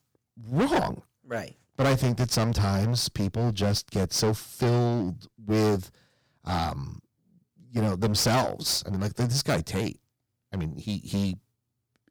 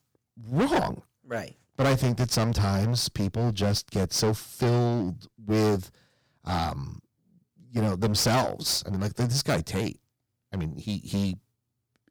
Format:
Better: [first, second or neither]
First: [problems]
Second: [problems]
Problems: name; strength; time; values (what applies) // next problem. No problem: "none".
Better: neither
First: distortion; heavy; 10% of the sound clipped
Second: distortion; heavy; 10% of the sound clipped